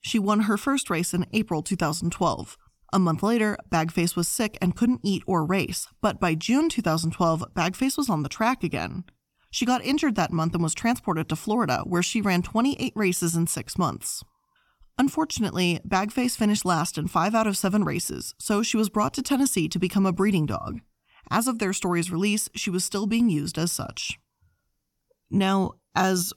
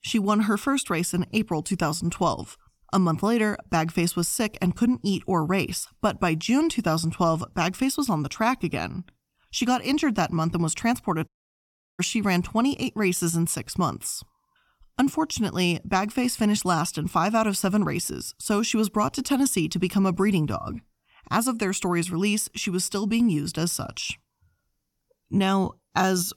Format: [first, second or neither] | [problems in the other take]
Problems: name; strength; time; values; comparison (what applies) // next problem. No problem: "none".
first | audio cutting out; at 11 s for 0.5 s